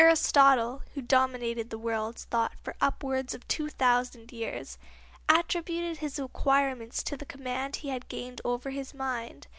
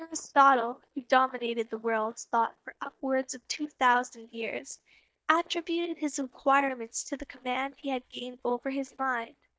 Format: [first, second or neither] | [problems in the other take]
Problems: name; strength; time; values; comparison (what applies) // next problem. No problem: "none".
first | noise reduction (neural mask model DeepFilterNet 3)